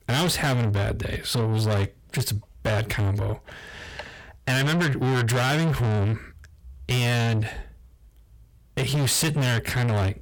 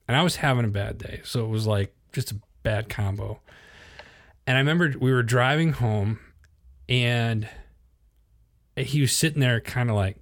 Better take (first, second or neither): second